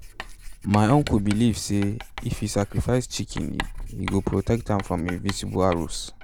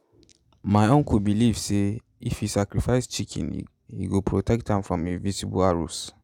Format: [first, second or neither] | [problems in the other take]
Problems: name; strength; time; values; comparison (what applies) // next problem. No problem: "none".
second | background sound (Writing); 12 dB below the speech